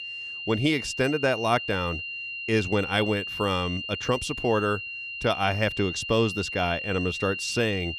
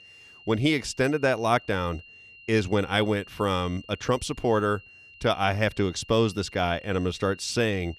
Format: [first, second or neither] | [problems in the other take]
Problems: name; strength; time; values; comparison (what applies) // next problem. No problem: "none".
second | high-pitched whine; loud; throughout; 3 kHz, 6 dB below the speech; faint in the second